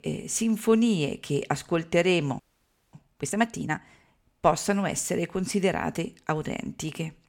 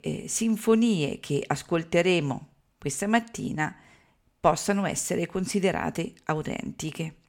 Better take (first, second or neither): second